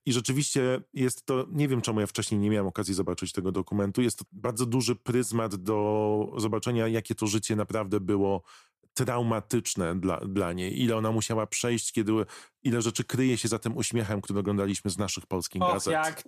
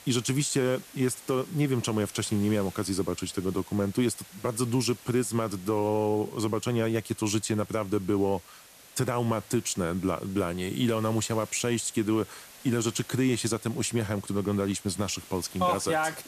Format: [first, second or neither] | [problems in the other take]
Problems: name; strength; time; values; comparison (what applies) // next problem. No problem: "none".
first | hiss; noticeable; throughout; 20 dB below the speech